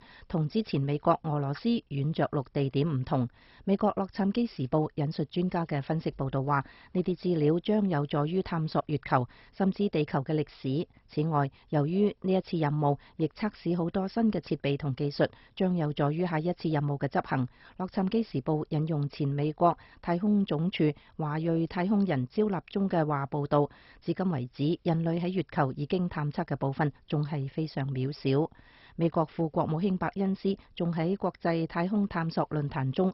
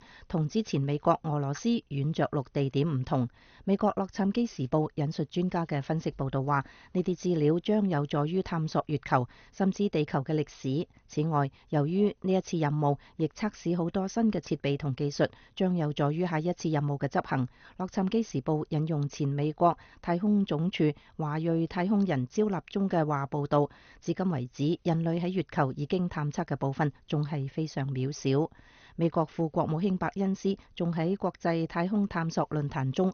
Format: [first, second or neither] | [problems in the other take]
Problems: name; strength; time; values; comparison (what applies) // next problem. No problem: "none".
second | garbled, watery; badly; nothing above 5.5 kHz; slightly in the second